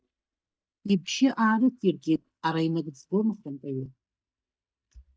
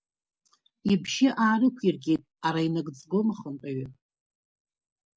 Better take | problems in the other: second | noise reduction (neural mask model DeepFilterNet 3)

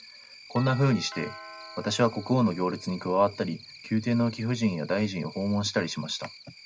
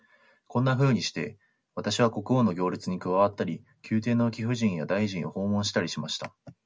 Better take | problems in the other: second | background sound (Cricket + Doorbell); 18 dB below the speech

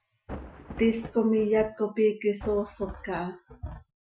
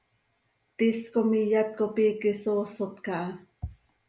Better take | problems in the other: second | noise reduction (classical method Wiener filter)

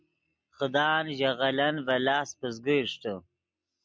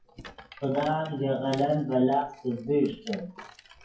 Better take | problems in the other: first | noise reduction (classical method WPE with log-MMSE)

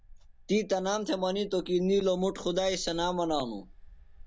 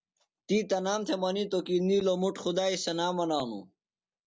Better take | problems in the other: second | background sound (Engine); 18 dB below the speech

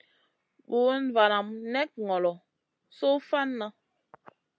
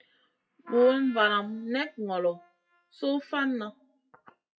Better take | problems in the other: first | noise reduction (classical method WPE with log-MMSE)

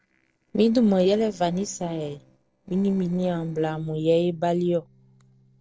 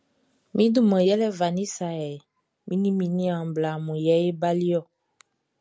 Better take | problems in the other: second | noise reduction (neural separator model SepFormer DNS4)

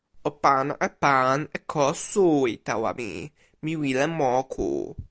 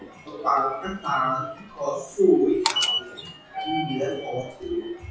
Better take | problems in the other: first | noise reduction (classical method WPE with log-MMSE)

